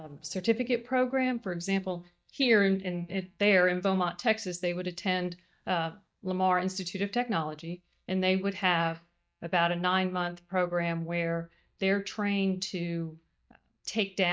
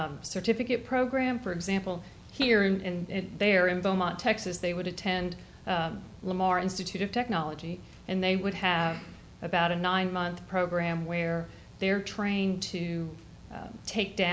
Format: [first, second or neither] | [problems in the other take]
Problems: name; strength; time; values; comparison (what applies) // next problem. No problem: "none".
second | noise reduction (neural mask model DeepFilterNet 3)